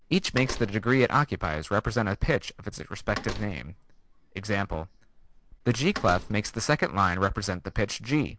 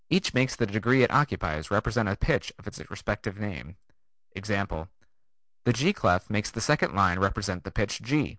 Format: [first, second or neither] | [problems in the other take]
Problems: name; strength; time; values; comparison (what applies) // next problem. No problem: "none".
second | background sound (Slam); 15 dB below the speech